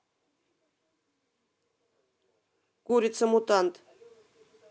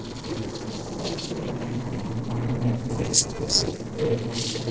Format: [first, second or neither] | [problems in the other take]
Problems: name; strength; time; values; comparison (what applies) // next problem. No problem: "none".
first | noise reduction (neural separator model SepFormer DNS4)